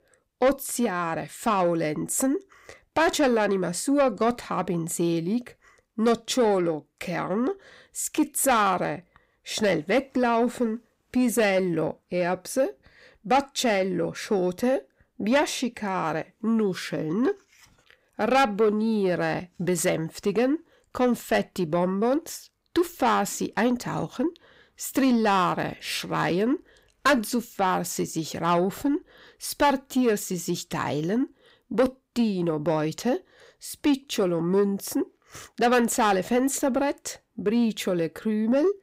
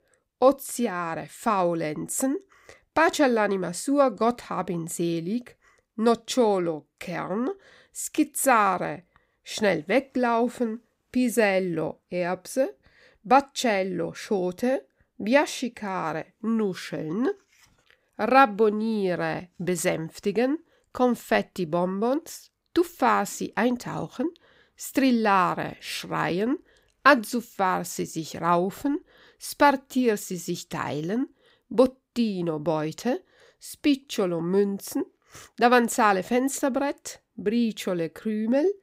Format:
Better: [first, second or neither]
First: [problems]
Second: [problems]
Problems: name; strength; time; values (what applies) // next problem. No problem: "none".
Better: second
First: distortion; slight; 10 dB below the speech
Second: none